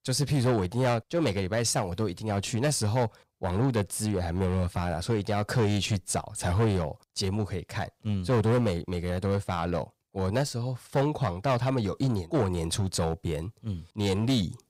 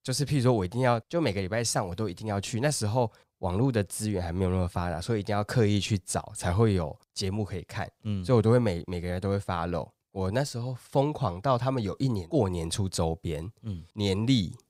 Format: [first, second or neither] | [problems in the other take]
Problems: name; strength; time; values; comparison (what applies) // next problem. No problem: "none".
second | distortion; slight; 8% of the sound clipped